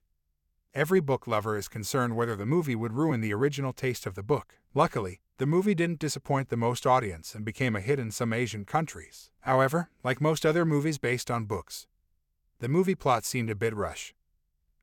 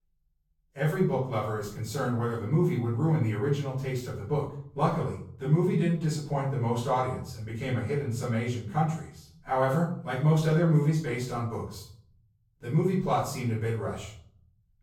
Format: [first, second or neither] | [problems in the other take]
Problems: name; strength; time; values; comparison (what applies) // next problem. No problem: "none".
first | off-mic speech; far // room echo; noticeable; dies away in 0.6 s